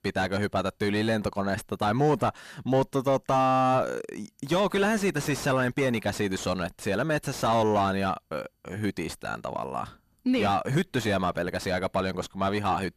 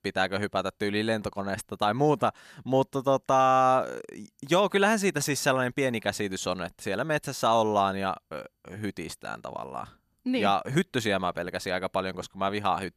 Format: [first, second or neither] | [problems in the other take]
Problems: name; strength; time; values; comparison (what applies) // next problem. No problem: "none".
second | distortion; heavy; 8 dB below the speech